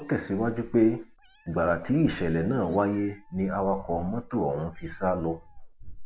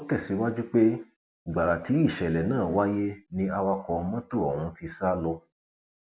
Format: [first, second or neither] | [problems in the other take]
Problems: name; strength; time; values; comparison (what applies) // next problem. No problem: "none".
second | background sound (Meow); 15 dB below the speech